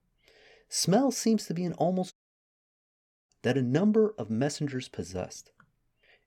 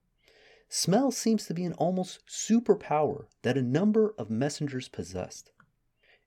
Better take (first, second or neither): second